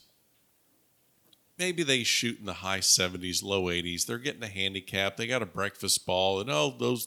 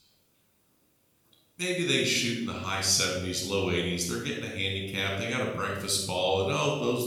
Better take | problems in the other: first | off-mic speech; somewhat distant // room echo; noticeable; dies away in 0.9 s

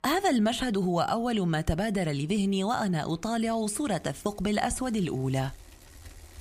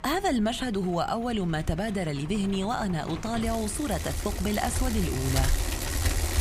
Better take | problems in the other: first | traffic noise; loud; throughout; 3 dB below the speech; faint in the first

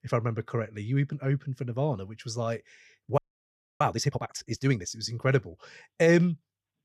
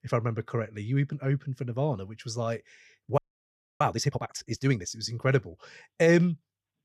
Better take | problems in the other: neither | audio freezing; at 3 s for 0.5 s; the same in both

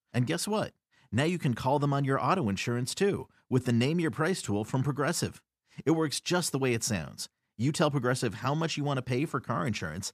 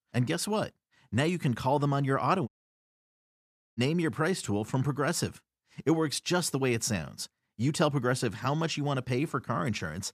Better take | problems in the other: first | audio cutting out; at 2.5 s for 1.5 s

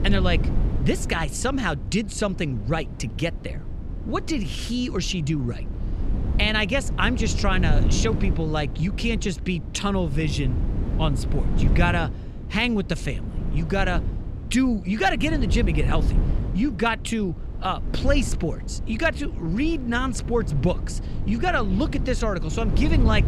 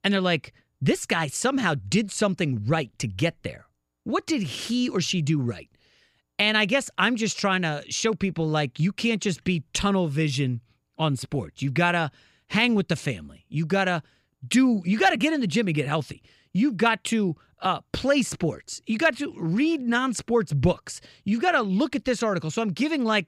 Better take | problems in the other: second | wind noise on the microphone; occasional gusts; 15 dB below the speech

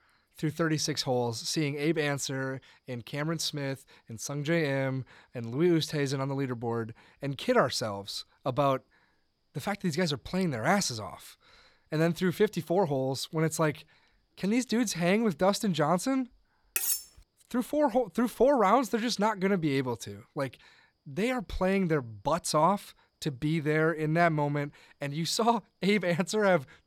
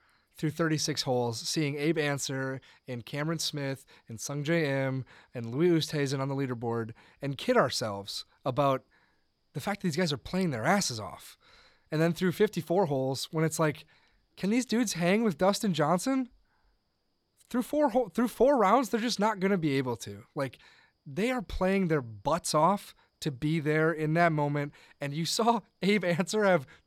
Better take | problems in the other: second | clattering dishes; loud; at 17 s; peak 1 dB above the speech

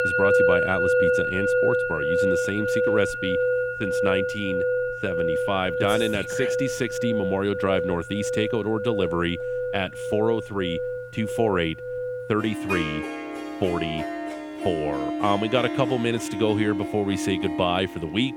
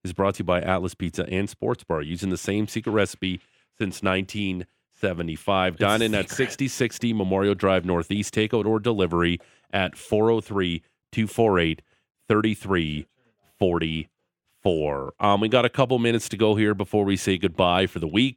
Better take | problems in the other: second | background music; very loud; throughout; as loud as the speech

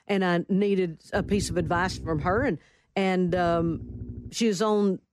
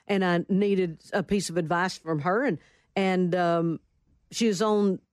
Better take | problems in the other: second | low rumble; faint; from 1 to 2.5 s and from 3.5 to 4.5 s; 20 dB below the speech

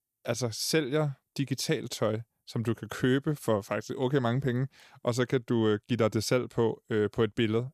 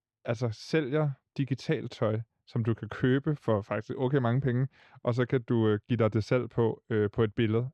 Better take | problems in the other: first | muffled; slightly; fading above 2.5 kHz

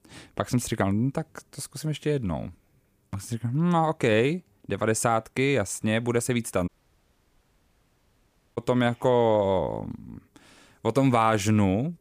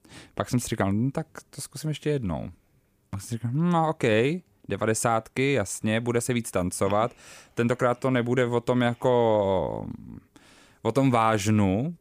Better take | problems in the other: second | audio cutting out; at 6.5 s for 2 s

